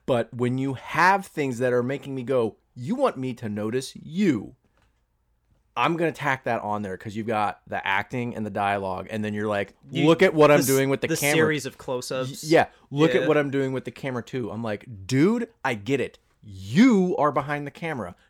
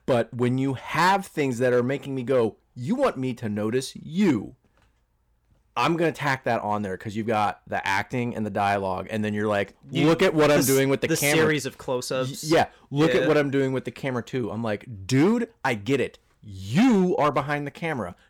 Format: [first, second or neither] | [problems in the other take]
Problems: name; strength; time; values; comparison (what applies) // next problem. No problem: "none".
first | distortion; slight; 5% of the sound clipped